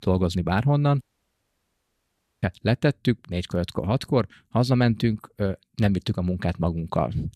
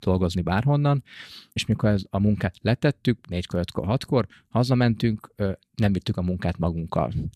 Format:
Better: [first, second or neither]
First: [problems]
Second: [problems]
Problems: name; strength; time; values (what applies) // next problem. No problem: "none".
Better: second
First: audio cutting out; at 1 s for 1.5 s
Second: none